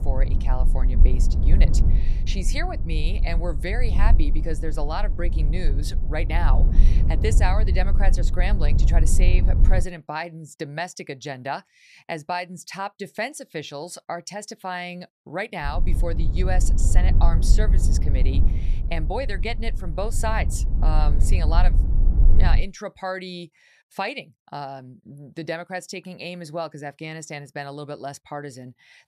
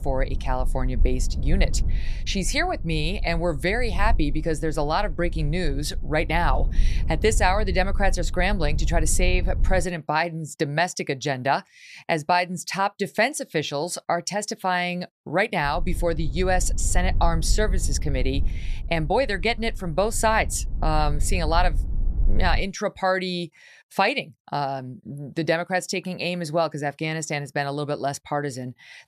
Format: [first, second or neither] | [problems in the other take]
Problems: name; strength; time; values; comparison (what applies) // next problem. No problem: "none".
second | low rumble; loud; until 10 s and from 16 to 23 s; 10 dB below the speech; faint in the second